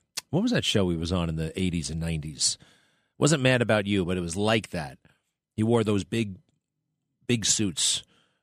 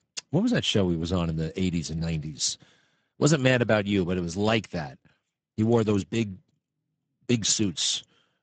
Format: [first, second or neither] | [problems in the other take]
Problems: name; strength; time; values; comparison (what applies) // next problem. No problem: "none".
first | garbled, watery; badly; nothing above 7.5 kHz